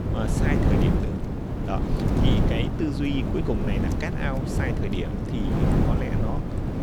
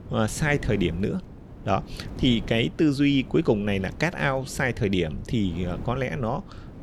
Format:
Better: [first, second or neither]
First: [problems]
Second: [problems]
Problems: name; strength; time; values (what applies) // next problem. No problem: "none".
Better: second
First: wind noise on the microphone; heavy; 2 dB above the speech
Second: wind noise on the microphone; occasional gusts; 20 dB below the speech